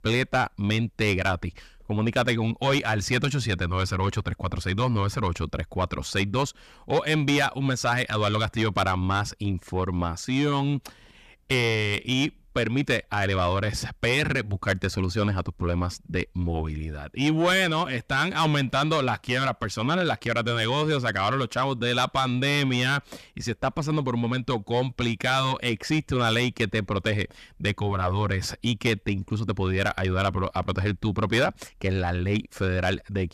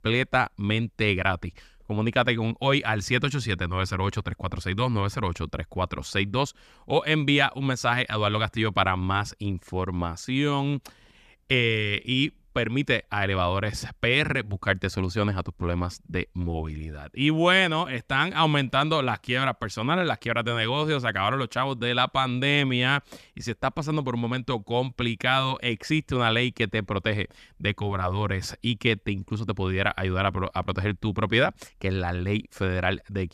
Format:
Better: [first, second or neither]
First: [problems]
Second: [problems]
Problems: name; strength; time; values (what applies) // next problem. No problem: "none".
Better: second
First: distortion; slight; 10 dB below the speech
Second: none